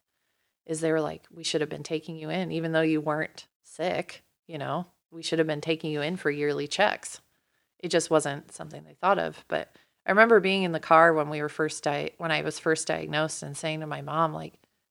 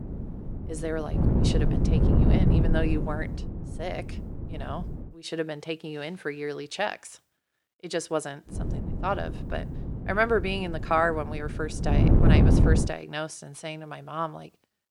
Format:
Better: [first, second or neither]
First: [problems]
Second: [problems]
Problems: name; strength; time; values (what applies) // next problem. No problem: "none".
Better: first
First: none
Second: wind noise on the microphone; heavy; until 5 s and from 8.5 to 13 s; 4 dB below the speech